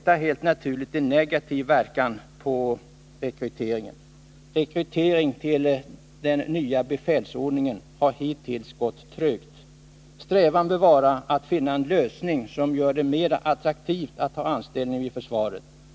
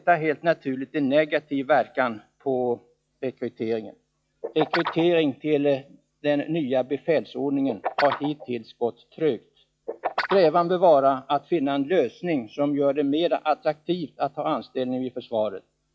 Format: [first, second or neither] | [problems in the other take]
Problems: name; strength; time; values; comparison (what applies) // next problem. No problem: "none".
first | noise reduction (classical method log-MMSE)